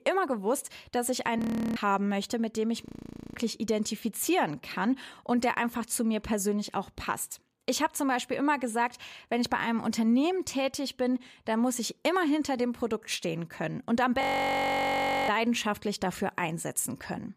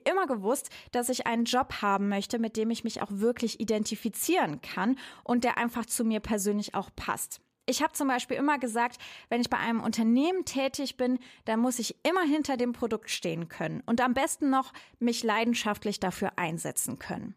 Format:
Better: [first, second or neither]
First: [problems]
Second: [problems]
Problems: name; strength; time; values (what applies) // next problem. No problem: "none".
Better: second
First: audio freezing; at 1.5 s, at 3 s for 0.5 s and at 14 s for 1 s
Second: none